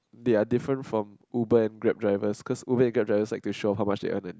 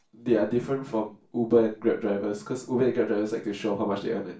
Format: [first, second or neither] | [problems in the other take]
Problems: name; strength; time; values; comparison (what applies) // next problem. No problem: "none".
first | room echo; dies away in 0.3 s